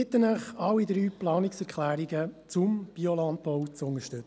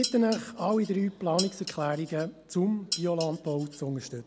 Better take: first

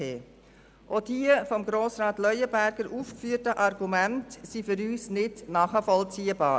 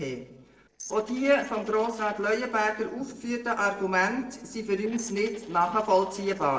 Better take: first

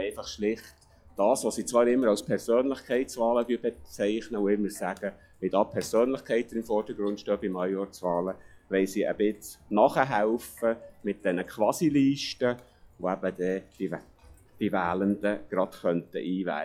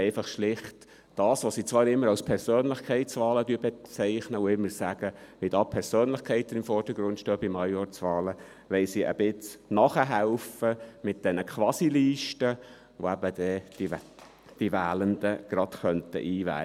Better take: second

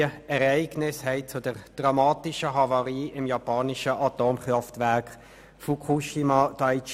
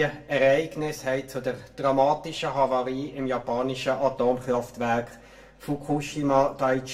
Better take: first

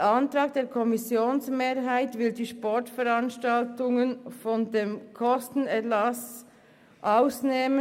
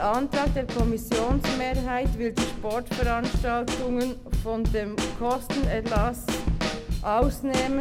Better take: first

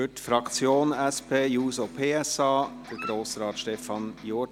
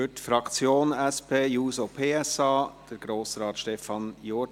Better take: second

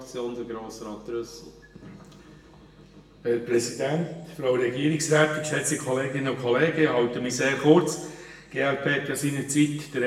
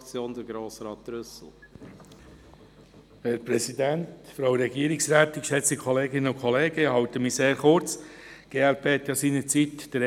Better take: second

